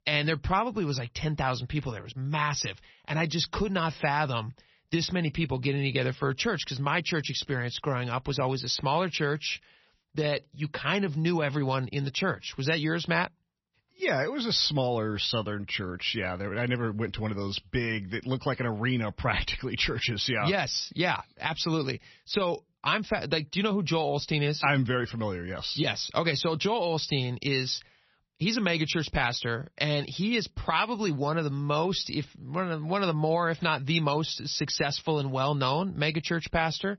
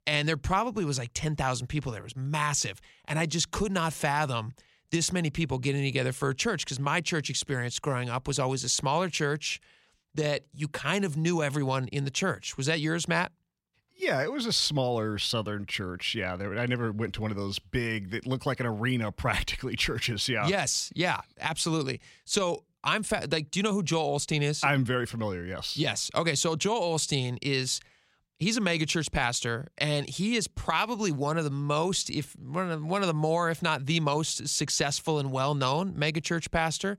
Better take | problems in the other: second | garbled, watery; slightly; nothing above 6 kHz

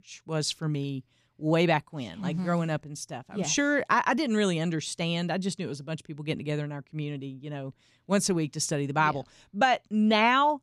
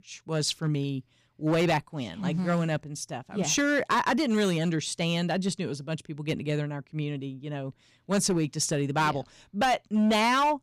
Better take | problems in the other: first | distortion; slight; 7% of the sound clipped

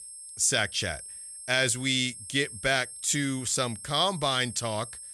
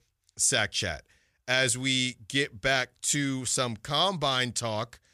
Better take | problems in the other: second | high-pitched whine; noticeable; throughout; 8.5 kHz, 15 dB below the speech

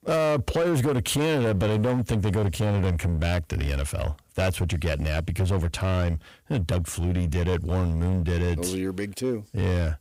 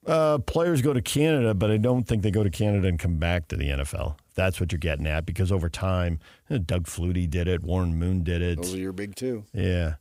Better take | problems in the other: second | distortion; slight; 16% of the sound clipped

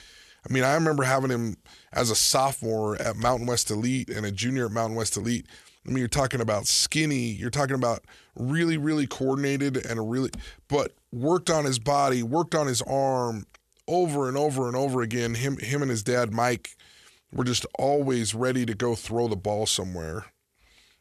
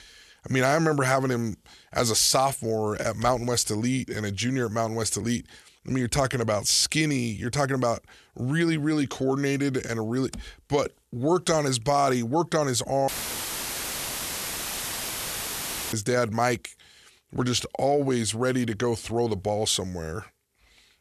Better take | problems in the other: first | audio cutting out; filled with static; at 13 s for 3 s

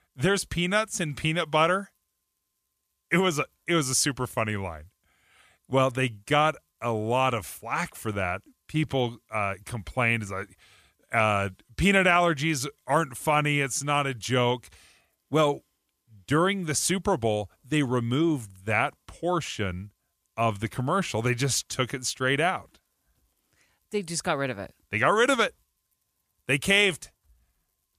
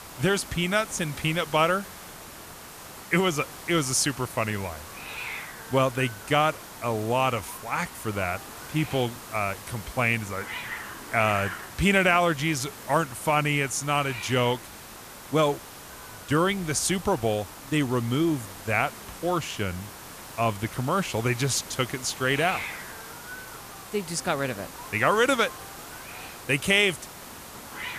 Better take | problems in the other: first | hiss; noticeable; throughout; 15 dB below the speech

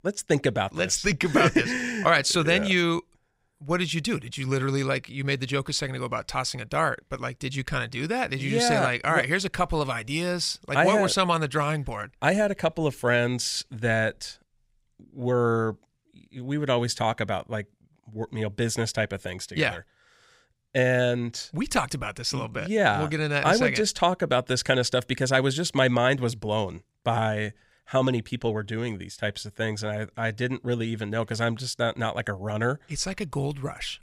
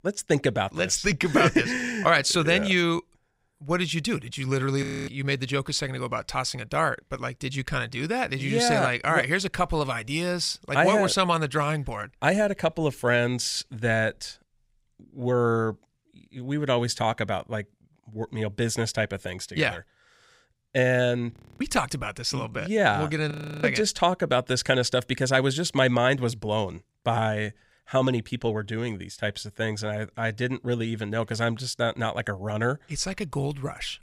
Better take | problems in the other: first | audio freezing; at 5 s, at 21 s and at 23 s

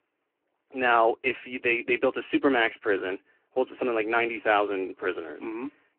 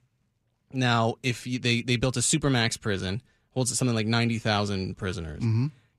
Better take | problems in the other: second | phone-call audio

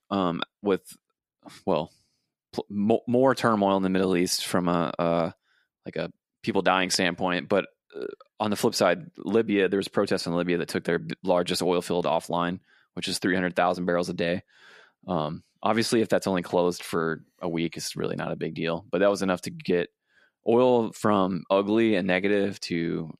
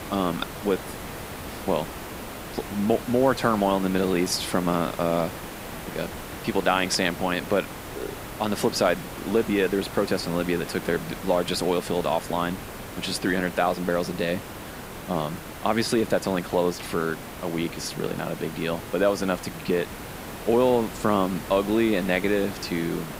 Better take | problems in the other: first | hiss; noticeable; throughout; 10 dB below the speech

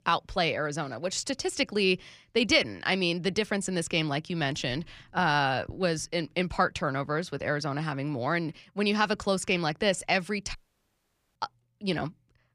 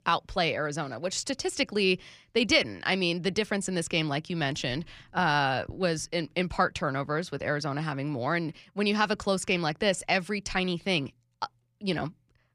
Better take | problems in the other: second | audio cutting out; at 11 s for 1 s

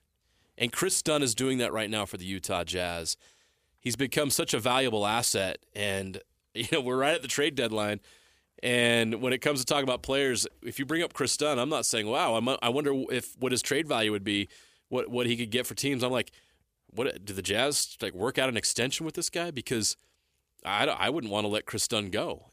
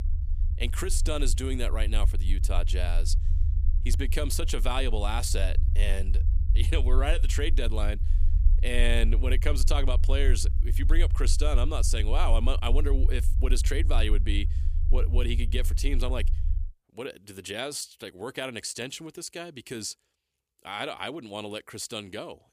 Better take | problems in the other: first | low rumble; noticeable; until 17 s; 15 dB below the speech

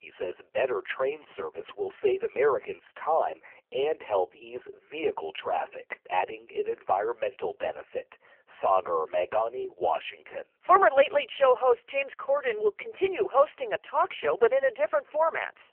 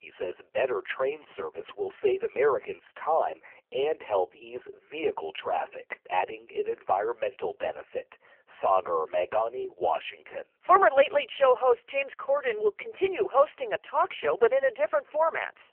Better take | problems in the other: neither | phone-call audio; poor line; nothing above 3 kHz; the same in both

